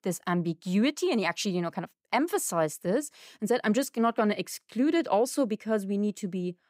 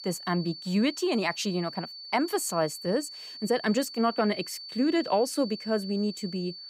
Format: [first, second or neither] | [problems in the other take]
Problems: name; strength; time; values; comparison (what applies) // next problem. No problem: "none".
first | high-pitched whine; noticeable; throughout; 4.5 kHz, 10 dB below the speech